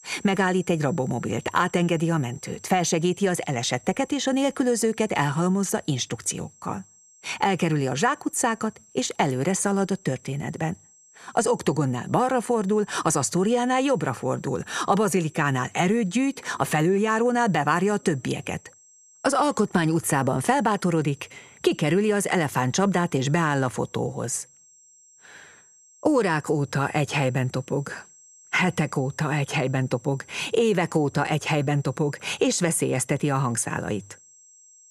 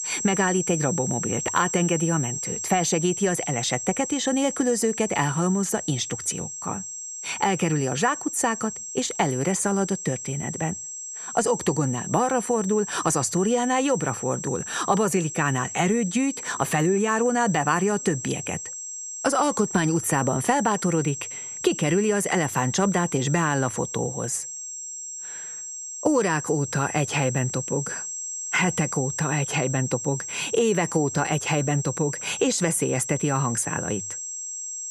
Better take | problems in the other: first | high-pitched whine; loud; throughout; 7.5 kHz, 7 dB below the speech; faint in the first

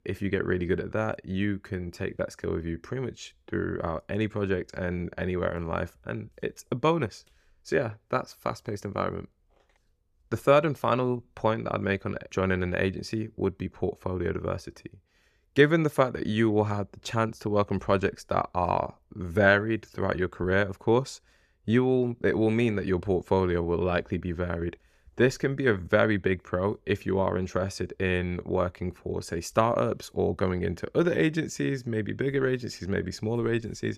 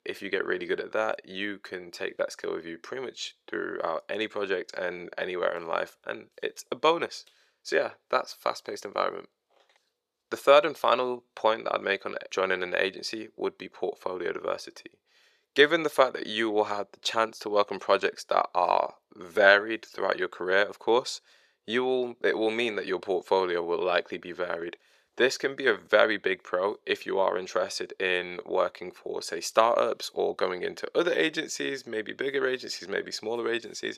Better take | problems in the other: first | thin; very; fading below 550 Hz

